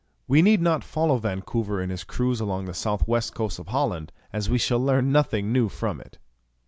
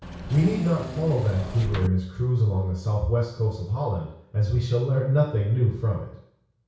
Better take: first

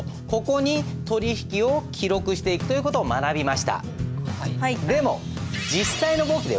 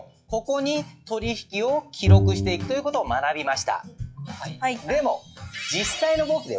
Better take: first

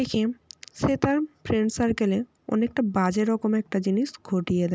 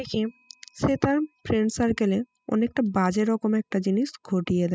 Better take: first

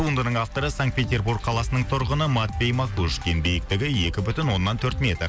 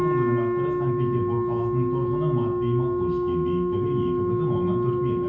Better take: first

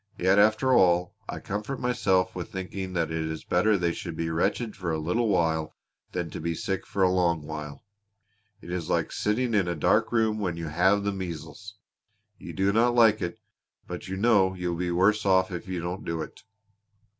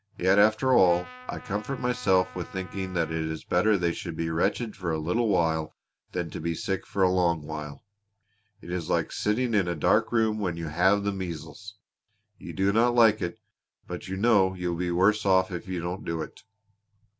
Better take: first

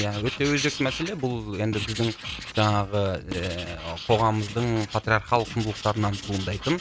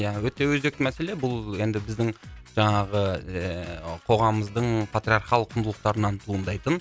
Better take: second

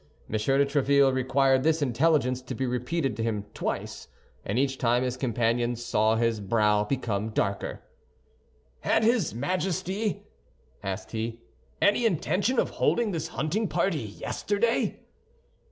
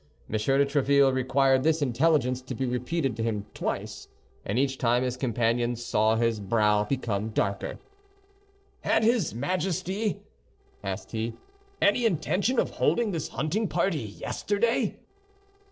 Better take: first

